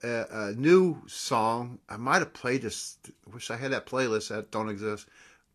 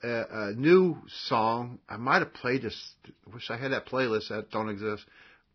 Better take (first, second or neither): first